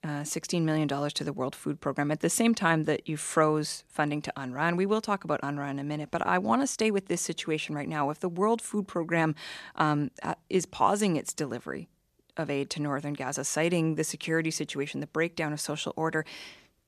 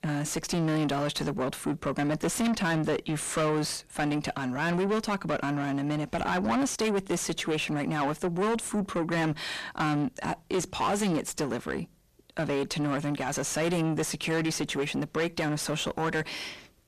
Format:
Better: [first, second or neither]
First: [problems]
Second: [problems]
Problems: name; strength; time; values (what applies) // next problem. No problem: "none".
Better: first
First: none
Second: distortion; heavy; 4 dB below the speech